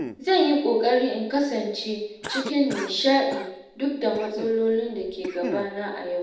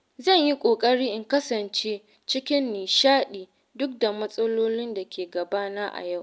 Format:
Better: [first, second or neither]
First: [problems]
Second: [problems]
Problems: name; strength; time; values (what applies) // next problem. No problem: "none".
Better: second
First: background sound (Cough); 14 dB below the speech // room echo; dies away in 0.8 s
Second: none